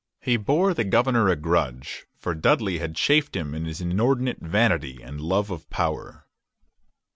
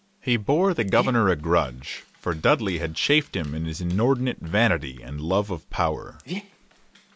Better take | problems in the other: first | background sound (Dog); 18 dB below the speech

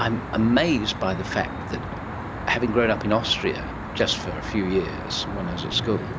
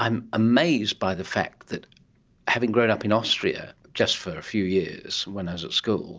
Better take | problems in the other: second | background sound (Traffic noise, roadway noise); 7 dB below the speech

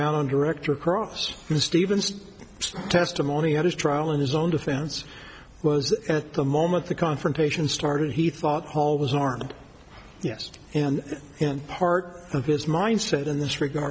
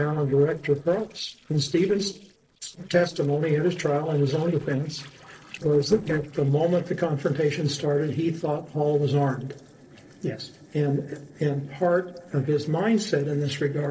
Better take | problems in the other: first | noise reduction (neural separator model SepFormer DNS4)

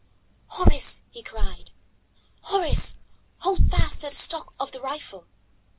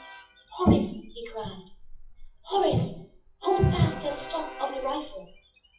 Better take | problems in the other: first | noise reduction (classical method WPE with log-MMSE)

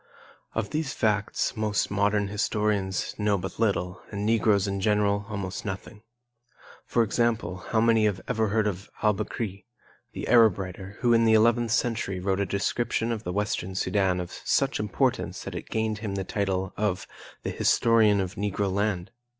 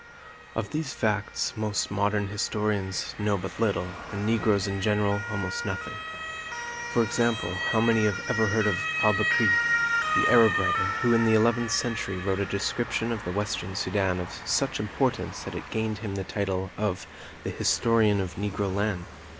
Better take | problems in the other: first | background sound (Motor vehicle (road) / Siren); 5 dB below the speech

